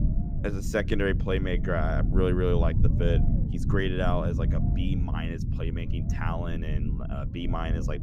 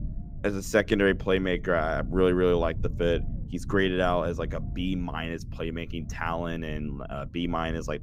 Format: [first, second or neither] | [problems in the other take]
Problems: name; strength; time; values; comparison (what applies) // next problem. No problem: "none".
second | low rumble; loud; throughout; 8 dB below the speech; faint in the second